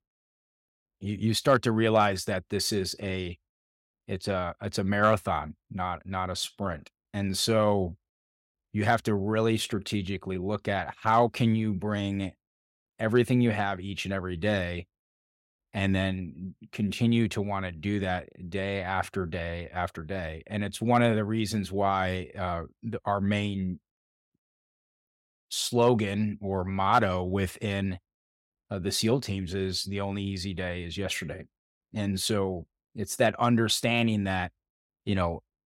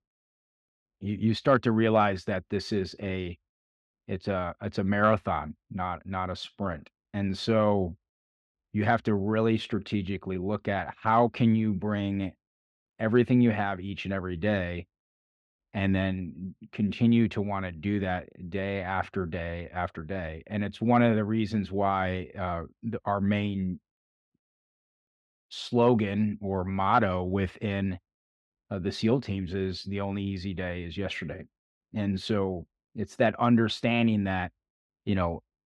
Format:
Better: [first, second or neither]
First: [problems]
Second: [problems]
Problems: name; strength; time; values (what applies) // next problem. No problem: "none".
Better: first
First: none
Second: muffled; slightly; fading above 3 kHz